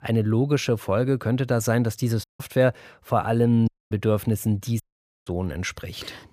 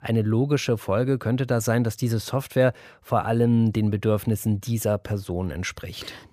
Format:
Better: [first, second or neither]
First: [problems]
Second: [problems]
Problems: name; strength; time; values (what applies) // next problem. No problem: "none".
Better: second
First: audio cutting out; at 2 s, at 3.5 s and at 5 s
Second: none